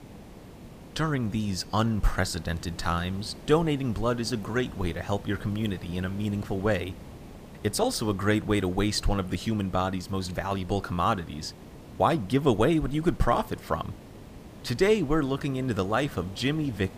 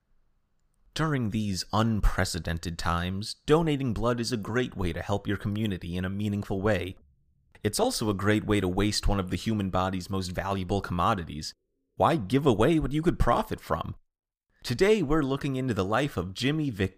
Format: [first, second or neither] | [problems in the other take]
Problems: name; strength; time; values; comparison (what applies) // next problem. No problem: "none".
second | hiss; noticeable; throughout; 20 dB below the speech